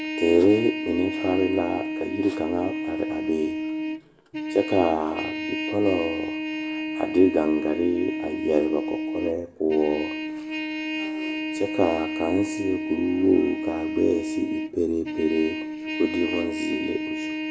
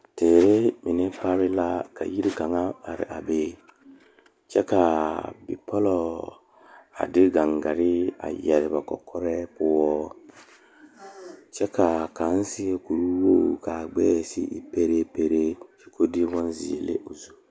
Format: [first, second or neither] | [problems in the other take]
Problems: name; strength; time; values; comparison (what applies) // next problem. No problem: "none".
second | background sound (Trumpet); 4 dB below the speech // room echo; dies away in 0.4 s